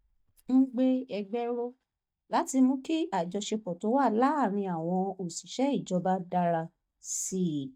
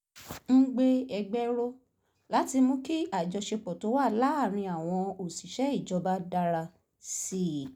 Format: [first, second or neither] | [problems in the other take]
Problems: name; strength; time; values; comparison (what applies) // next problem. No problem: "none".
second | noise reduction (neural mask model DeepFilterNet 3)